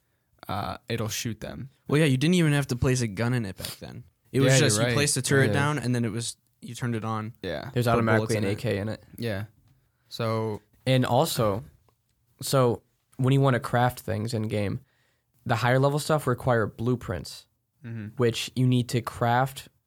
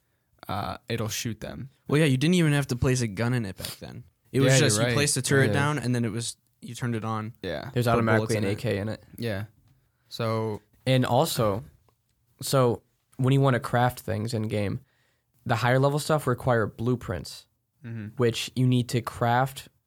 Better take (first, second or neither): neither